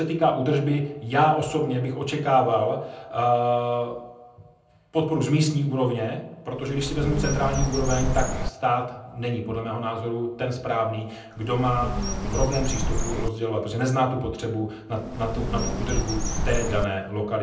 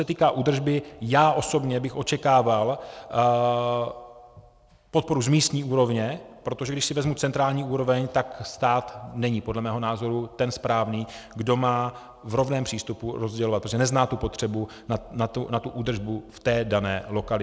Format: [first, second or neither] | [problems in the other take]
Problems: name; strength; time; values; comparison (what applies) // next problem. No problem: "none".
second | background sound (Bird); 1 dB below the speech // room echo; dies away in 0.6 s